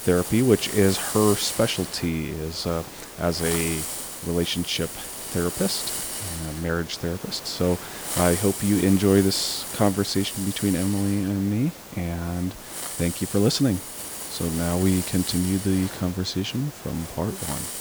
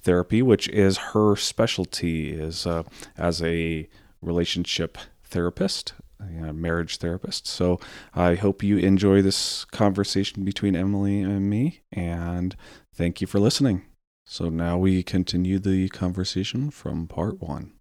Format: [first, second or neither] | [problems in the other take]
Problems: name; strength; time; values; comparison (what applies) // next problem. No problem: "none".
second | hiss; loud; throughout; 7 dB below the speech